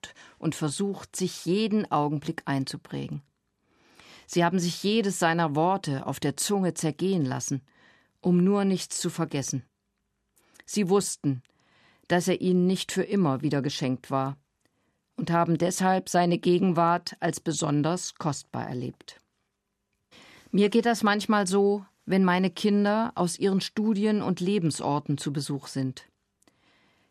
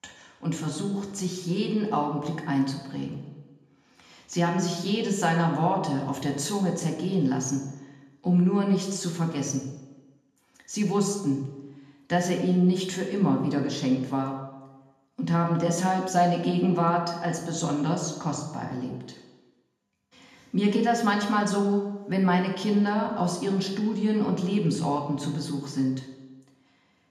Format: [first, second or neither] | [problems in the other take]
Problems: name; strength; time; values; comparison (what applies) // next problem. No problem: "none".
first | room echo; noticeable; dies away in 0.9 s // off-mic speech; far